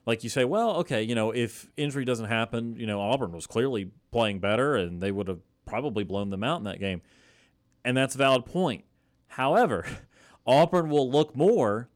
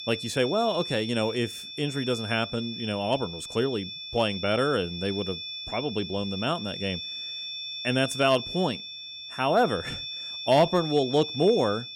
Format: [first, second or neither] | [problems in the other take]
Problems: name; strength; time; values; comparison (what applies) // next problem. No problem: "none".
first | high-pitched whine; loud; throughout; 3.5 kHz, 8 dB below the speech